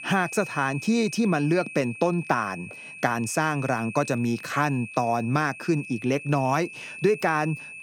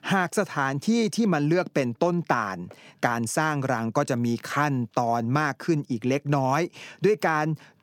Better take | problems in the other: second | high-pitched whine; noticeable; throughout; 2.5 kHz, 10 dB below the speech

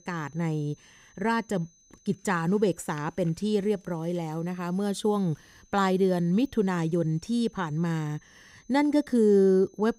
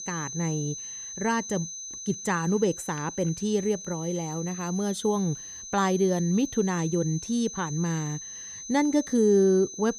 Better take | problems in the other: first | high-pitched whine; loud; throughout; 6 kHz, 10 dB below the speech; faint in the first

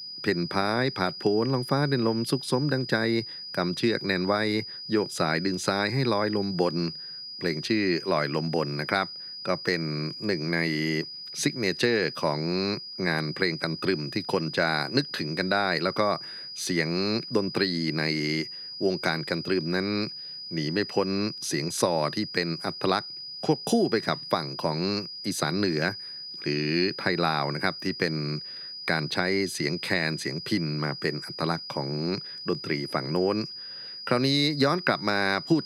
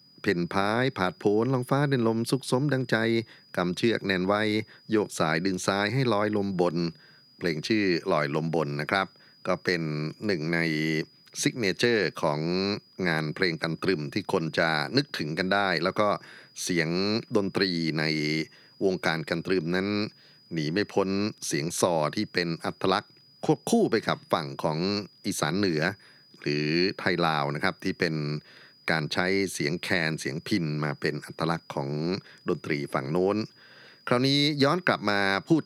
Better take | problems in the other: second | high-pitched whine; loud; throughout; 5 kHz, 9 dB below the speech; faint in the second

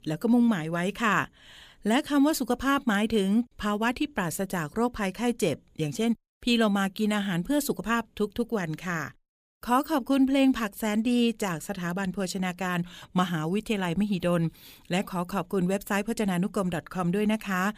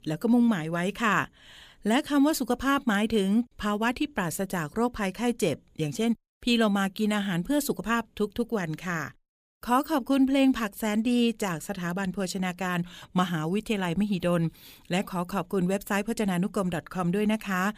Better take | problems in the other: neither | none

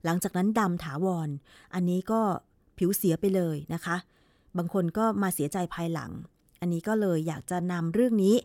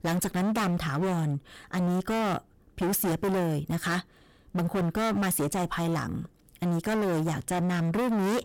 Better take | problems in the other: first | distortion; heavy; 32% of the sound clipped

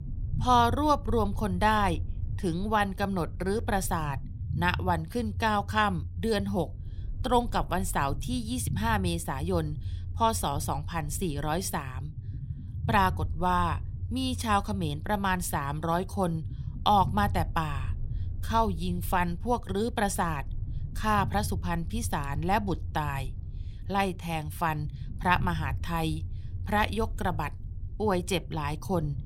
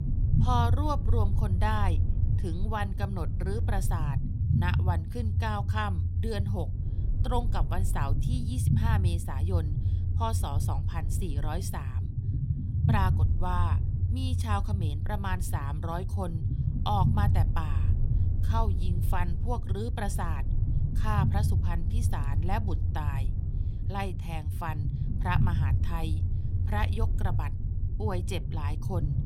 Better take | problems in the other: first | low rumble; loud; throughout; 8 dB below the speech; faint in the first

